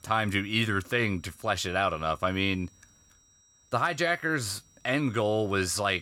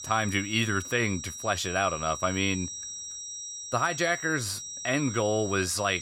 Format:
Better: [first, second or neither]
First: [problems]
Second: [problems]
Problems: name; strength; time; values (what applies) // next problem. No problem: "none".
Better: first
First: high-pitched whine; faint; throughout; 5.5 kHz, 30 dB below the speech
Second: high-pitched whine; loud; throughout; 5.5 kHz, 8 dB below the speech